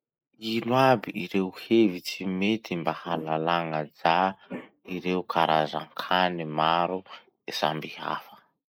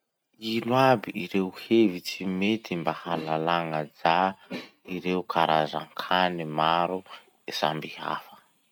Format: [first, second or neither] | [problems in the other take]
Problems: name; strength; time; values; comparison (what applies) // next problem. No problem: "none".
second | noise reduction (neural mask model Resemble Enhance denoiser)